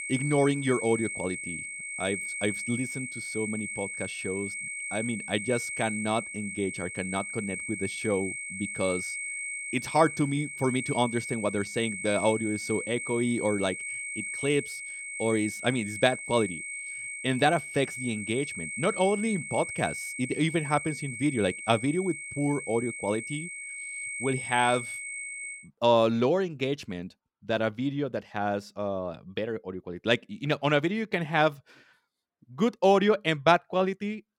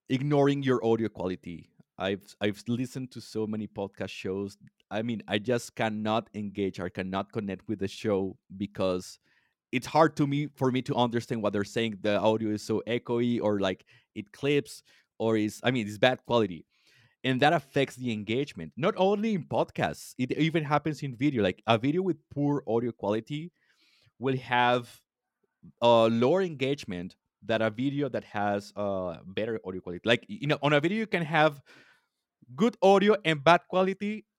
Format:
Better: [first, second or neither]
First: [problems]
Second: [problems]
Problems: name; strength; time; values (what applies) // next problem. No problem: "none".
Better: second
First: high-pitched whine; loud; until 26 s; 2 kHz, 6 dB below the speech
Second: none